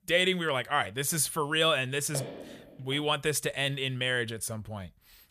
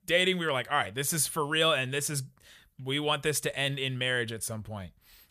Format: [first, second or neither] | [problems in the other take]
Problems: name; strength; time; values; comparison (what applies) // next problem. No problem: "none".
second | footsteps; faint; at 2 s; peak 10 dB below the speech